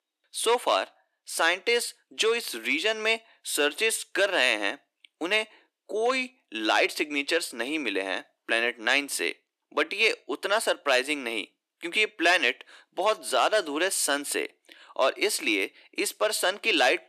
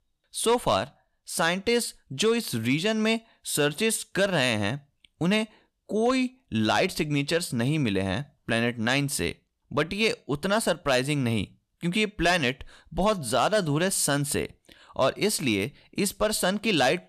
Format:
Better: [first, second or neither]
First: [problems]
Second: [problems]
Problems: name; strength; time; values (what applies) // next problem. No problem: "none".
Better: second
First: thin; somewhat; fading below 300 Hz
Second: none